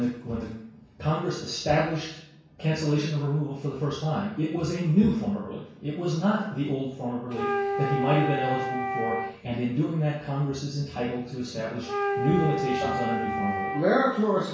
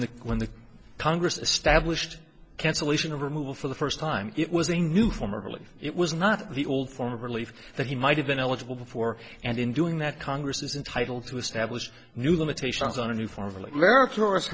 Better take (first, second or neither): second